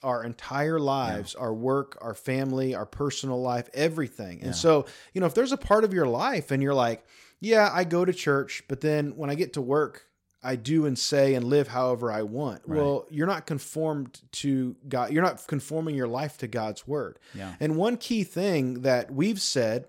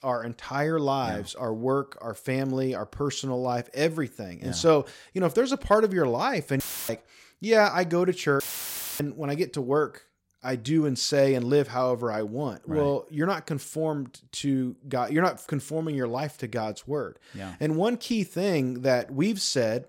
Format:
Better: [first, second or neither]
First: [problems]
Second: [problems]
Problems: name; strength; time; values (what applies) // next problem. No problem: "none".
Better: first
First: none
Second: audio cutting out; filled with static; at 6.5 s and at 8.5 s for 0.5 s